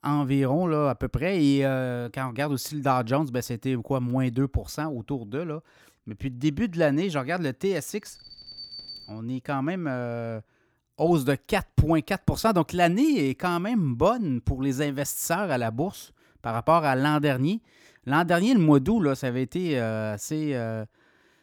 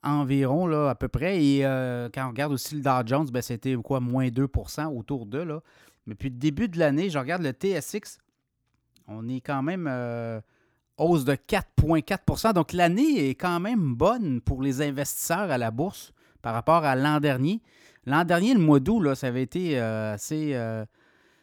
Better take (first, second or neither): second